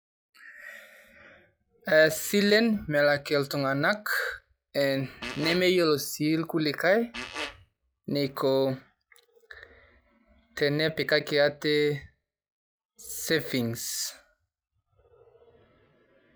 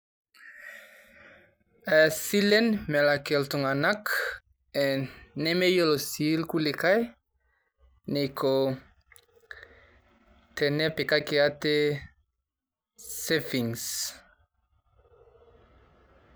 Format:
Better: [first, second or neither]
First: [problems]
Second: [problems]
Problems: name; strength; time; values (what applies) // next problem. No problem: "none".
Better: second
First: noise reduction (classical method log-MMSE)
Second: none